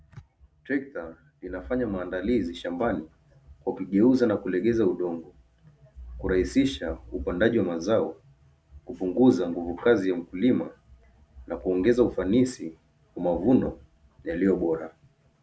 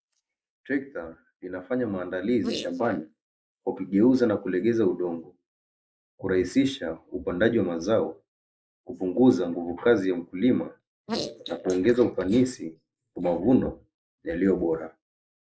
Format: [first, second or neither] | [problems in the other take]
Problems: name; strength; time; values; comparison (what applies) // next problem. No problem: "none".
first | noise reduction (neural mask model Resemble Enhance denoiser)